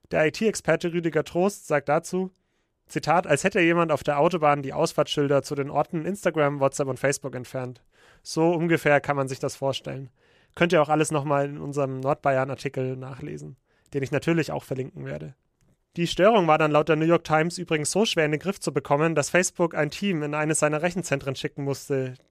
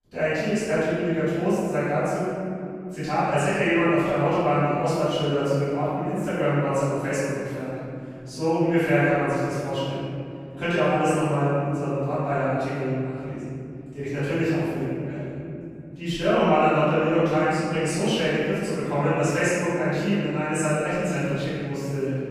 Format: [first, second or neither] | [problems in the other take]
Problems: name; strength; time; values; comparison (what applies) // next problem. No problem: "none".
first | off-mic speech; far // room echo; strong; dies away in 3 s